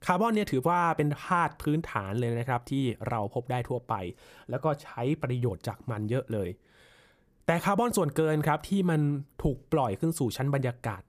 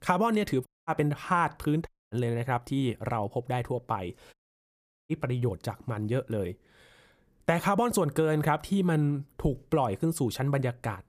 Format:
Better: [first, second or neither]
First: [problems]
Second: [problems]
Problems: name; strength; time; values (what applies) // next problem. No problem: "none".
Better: first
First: none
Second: audio cutting out; at 0.5 s, at 2 s and at 4.5 s for 1 s